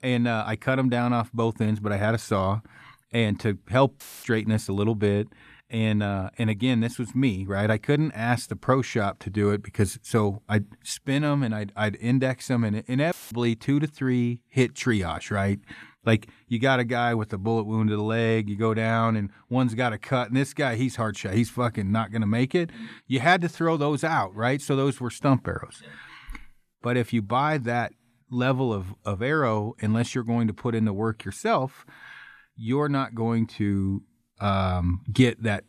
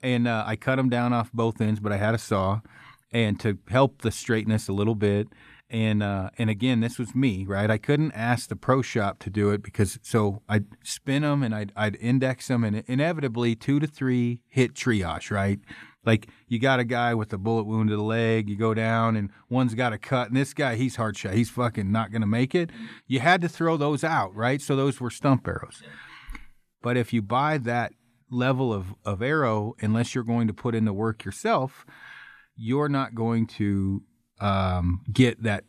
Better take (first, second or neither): second